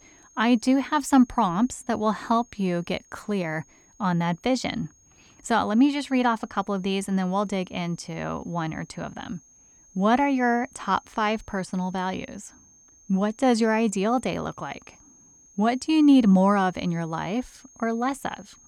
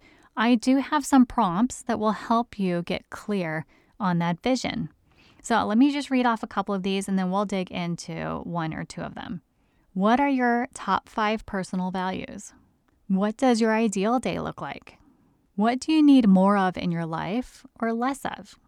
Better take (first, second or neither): second